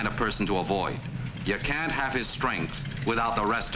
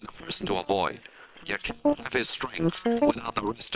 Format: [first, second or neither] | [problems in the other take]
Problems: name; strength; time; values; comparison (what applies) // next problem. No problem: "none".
first | noise reduction (neural separator model SepFormer WHAM!)